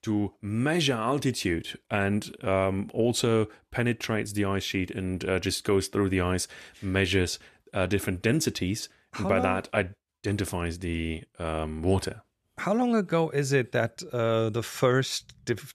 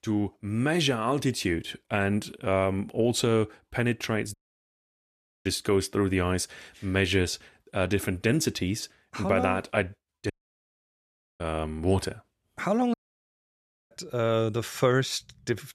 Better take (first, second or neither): first